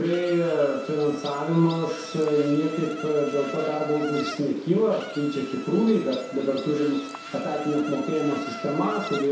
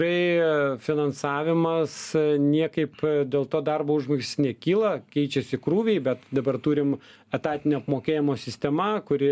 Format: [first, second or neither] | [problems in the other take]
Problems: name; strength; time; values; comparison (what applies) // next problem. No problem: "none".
second | background sound (Insect); 13 dB below the speech // room echo; dies away in 0.7 s